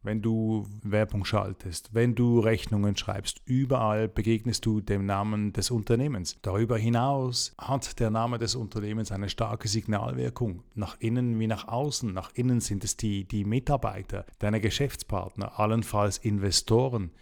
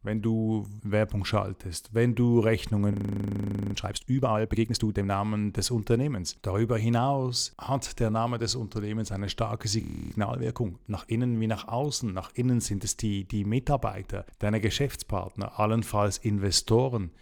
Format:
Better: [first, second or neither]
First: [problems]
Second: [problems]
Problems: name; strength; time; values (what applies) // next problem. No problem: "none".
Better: first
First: none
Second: audio freezing; at 3 s for 1 s and at 10 s